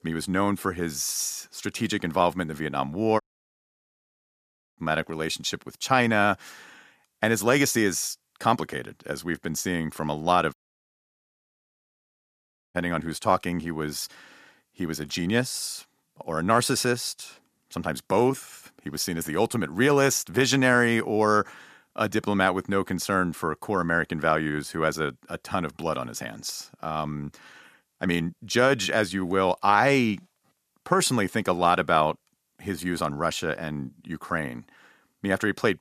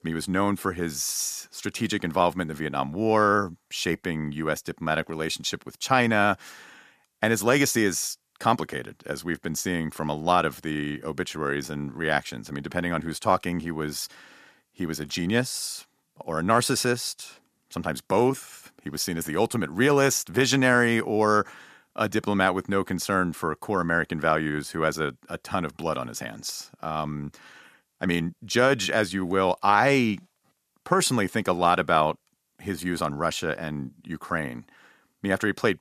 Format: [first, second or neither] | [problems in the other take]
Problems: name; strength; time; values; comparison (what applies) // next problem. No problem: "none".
second | audio cutting out; at 3 s for 1.5 s and at 11 s for 2 s